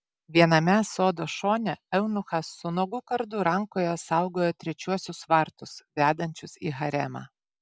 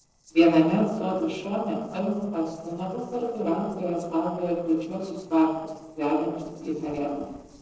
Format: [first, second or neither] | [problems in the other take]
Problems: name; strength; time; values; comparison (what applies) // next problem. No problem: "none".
first | noise reduction (neural separator model SepFormer DNS4)